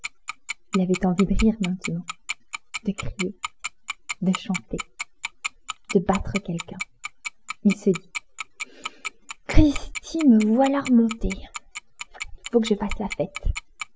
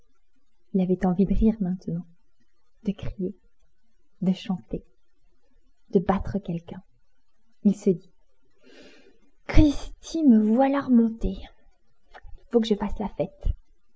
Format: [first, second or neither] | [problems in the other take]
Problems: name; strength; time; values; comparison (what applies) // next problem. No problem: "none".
second | background sound (Tick-tock); 12 dB below the speech